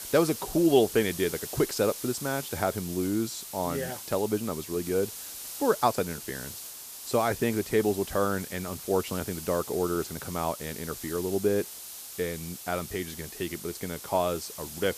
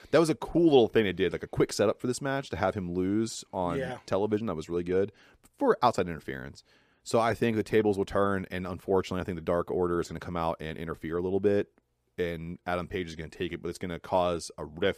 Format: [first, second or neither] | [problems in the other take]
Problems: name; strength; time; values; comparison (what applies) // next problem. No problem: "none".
second | hiss; loud; throughout; 9 dB below the speech